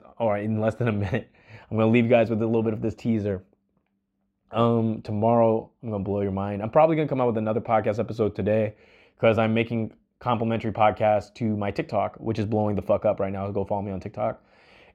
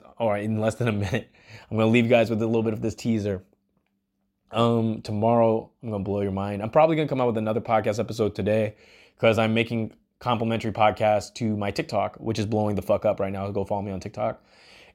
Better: second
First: muffled; slightly; fading above 3.5 kHz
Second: none

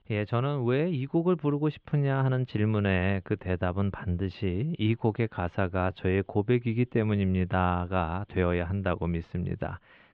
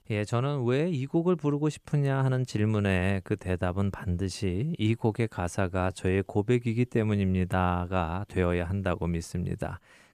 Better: second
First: muffled; very; fading above 3.5 kHz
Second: none

